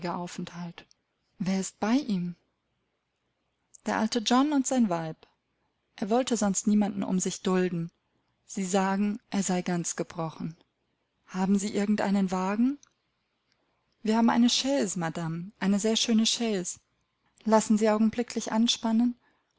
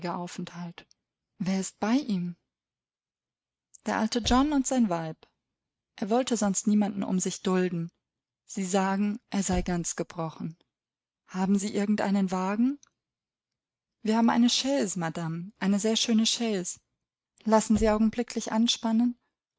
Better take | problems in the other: first | noise reduction (neural mask model RNNoise)

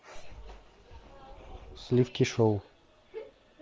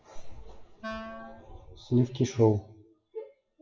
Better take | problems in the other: first | noise reduction (classical method WPE with log-MMSE)

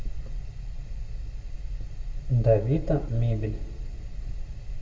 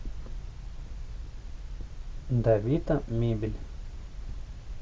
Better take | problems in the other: second | room echo; dies away in 1.1 s

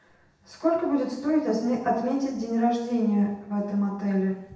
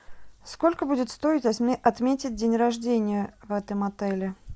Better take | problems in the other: second | room echo; dies away in 0.8 s

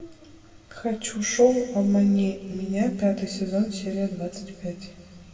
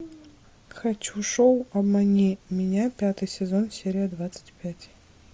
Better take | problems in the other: second | room echo; dies away in 2 s

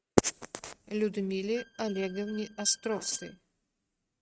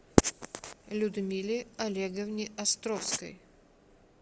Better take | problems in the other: second | noise reduction (neural mask model RNNoise)

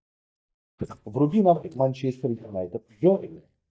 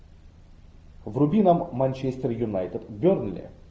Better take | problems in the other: second | noise reduction (neural mask model DeepFilterNet 3)

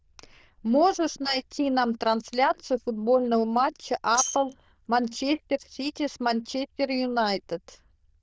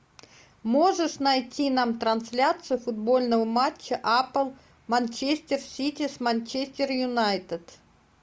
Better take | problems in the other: second | noise reduction (neural diffusion model UNIVERSE++)

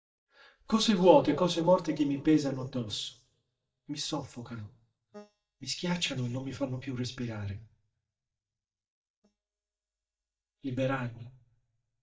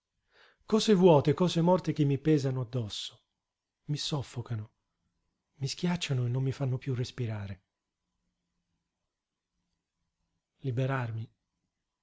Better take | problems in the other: second | noise reduction (neural mask model DeepFilterNet 3)

